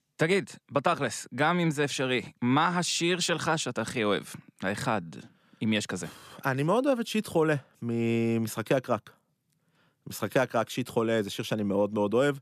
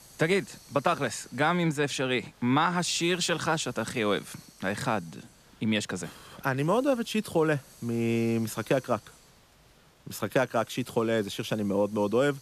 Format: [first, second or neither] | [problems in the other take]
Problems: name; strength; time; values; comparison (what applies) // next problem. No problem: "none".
first | hiss; faint; throughout; 25 dB below the speech